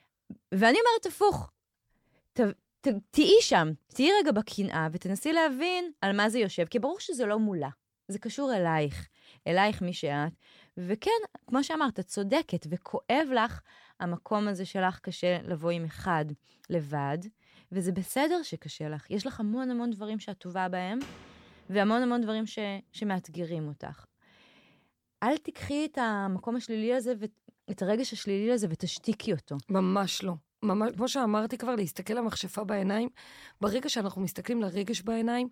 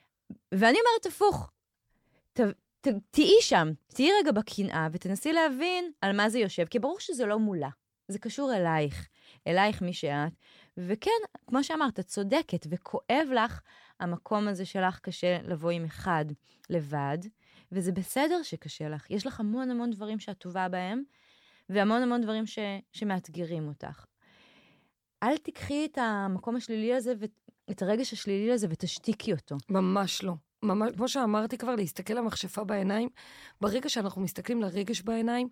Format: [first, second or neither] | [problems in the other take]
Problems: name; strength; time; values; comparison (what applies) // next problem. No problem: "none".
second | door banging; faint; at 21 s; peak 15 dB below the speech